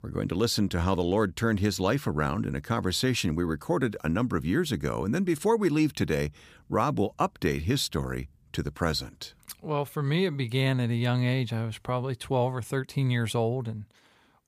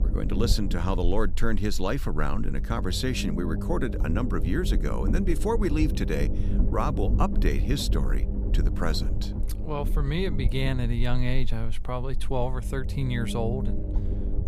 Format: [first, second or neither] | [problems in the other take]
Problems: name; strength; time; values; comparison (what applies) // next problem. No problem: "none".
first | low rumble; loud; throughout; 10 dB below the speech